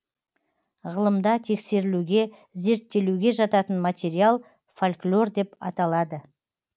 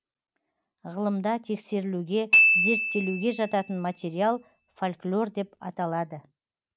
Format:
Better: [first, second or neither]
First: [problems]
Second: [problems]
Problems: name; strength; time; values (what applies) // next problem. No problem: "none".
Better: first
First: none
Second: background sound (Glockenspiel); 3 dB above the speech